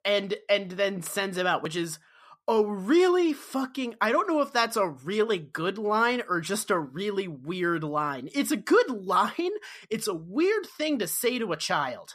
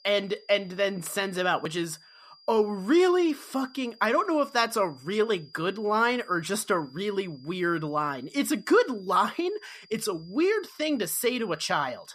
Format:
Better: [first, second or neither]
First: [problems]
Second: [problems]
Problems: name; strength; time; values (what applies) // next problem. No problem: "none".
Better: first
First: none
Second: high-pitched whine; faint; throughout; 5 kHz, 25 dB below the speech